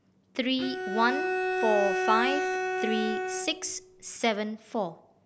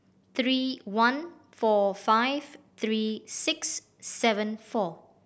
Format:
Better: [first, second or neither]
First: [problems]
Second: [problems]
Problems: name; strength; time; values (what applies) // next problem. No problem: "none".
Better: second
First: background sound (Bowed string instrument); as loud as the speech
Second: none